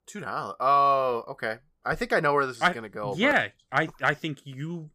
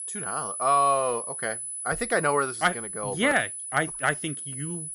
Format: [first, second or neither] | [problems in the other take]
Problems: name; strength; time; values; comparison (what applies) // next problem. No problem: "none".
first | high-pitched whine; loud; throughout; 10 kHz, 6 dB below the speech